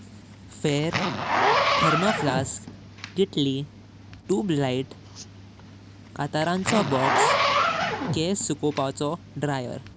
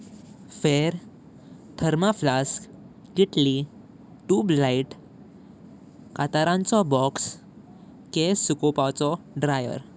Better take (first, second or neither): second